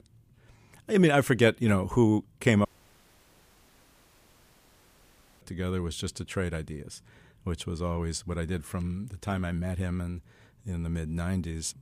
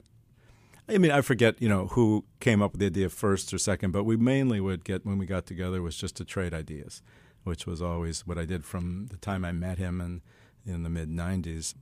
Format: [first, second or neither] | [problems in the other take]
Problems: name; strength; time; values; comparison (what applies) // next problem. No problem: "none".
second | audio cutting out; at 2.5 s for 3 s